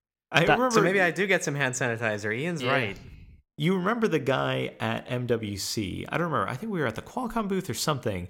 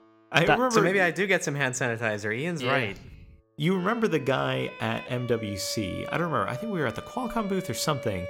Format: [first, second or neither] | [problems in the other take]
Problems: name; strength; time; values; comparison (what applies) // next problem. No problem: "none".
first | background music; noticeable; throughout; 15 dB below the speech